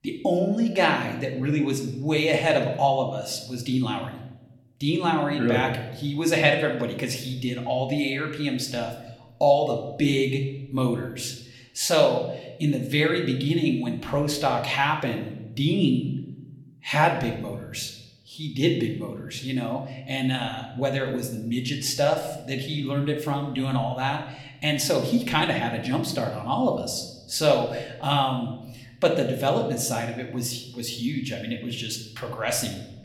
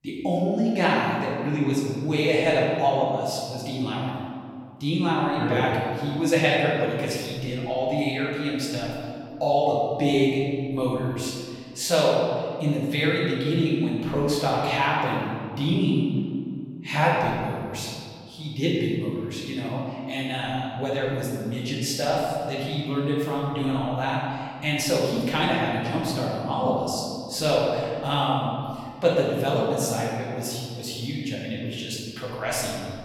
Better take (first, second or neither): first